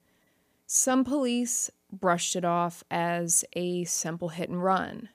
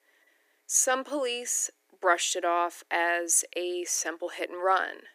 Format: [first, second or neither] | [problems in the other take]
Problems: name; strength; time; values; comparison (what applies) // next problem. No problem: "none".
first | thin; very; fading below 300 Hz